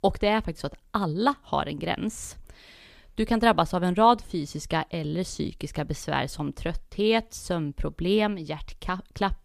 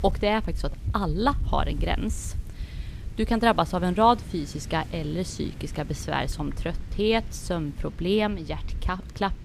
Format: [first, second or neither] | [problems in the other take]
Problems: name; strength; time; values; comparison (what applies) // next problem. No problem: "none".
first | wind noise on the microphone; occasional gusts; 20 dB below the speech